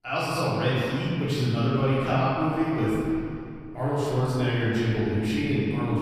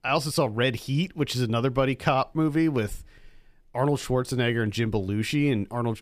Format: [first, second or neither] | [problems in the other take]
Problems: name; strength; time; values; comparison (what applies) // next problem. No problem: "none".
second | room echo; strong; dies away in 2.4 s // off-mic speech; far